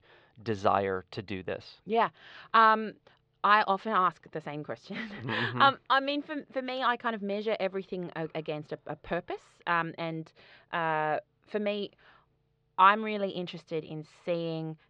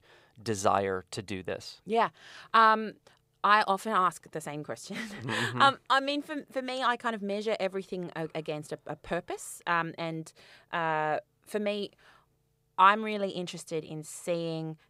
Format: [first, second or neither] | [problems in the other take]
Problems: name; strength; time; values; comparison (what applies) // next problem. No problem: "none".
second | muffled; very slightly; fading above 4 kHz